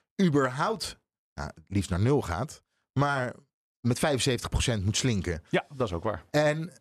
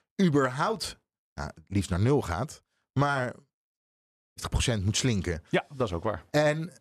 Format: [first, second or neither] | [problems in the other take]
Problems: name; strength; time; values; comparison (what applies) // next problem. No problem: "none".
first | audio cutting out; at 4 s for 0.5 s